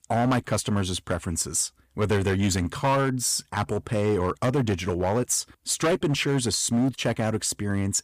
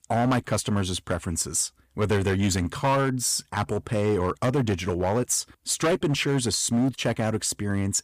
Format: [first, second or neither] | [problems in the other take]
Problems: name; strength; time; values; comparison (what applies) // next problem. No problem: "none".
neither | distortion; slight; 9% of the sound clipped; the same in both